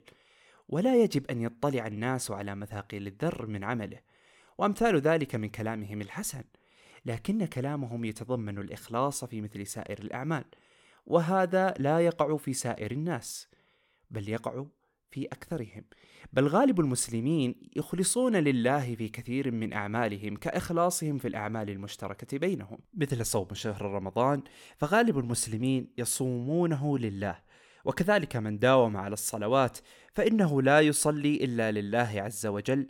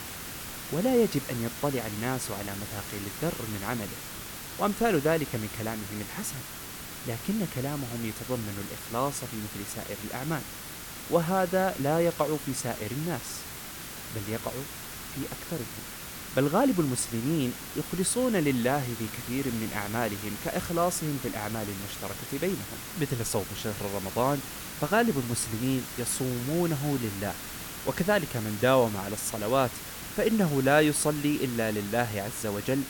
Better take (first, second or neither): first